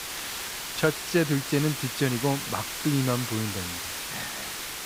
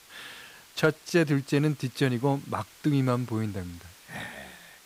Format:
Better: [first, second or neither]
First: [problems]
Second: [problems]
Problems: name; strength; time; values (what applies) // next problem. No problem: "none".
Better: second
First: hiss; loud; throughout; 4 dB below the speech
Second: hiss; faint; throughout; 25 dB below the speech